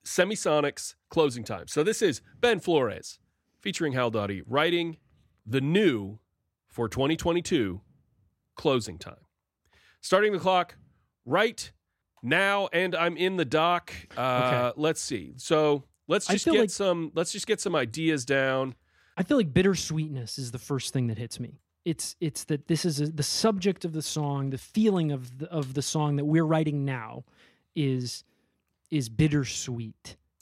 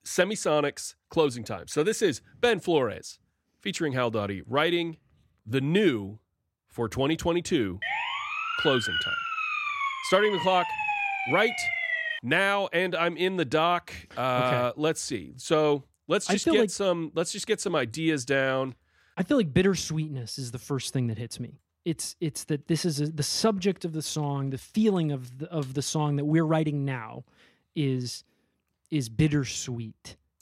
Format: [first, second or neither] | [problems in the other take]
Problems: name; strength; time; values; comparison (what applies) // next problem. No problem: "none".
first | siren; loud; from 8 to 12 s; peak level with the speech